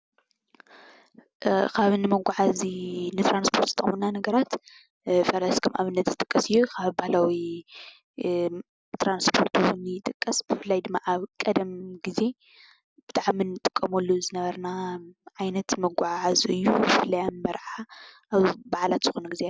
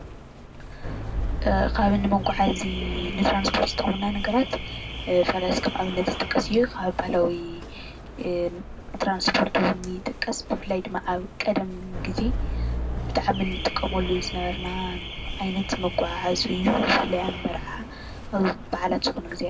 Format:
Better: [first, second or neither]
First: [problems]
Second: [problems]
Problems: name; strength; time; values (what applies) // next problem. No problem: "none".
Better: first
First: none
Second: background sound (Alarm / Car); 6 dB below the speech // room echo; dies away in 0.3 s